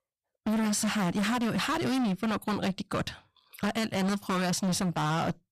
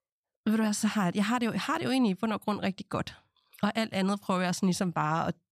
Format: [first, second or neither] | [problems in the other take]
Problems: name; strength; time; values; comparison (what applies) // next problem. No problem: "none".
second | distortion; heavy; 27% of the sound clipped